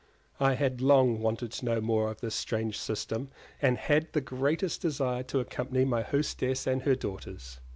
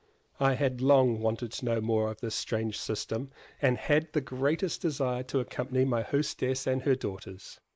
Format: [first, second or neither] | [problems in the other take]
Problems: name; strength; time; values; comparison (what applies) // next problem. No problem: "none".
first | noise reduction (neural mask model Resemble Enhance denoiser)